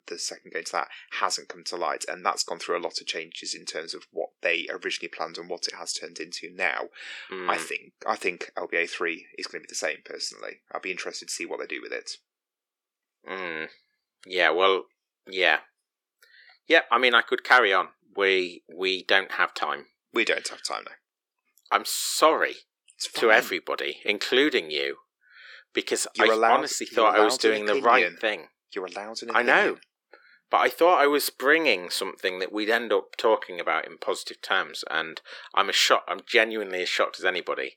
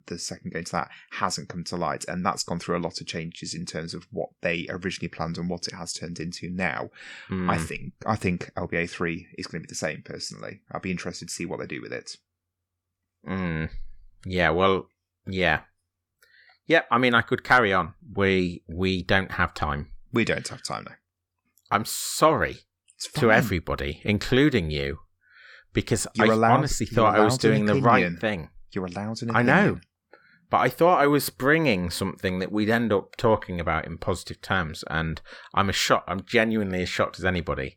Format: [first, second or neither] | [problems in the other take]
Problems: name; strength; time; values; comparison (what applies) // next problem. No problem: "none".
second | thin; somewhat; fading below 350 Hz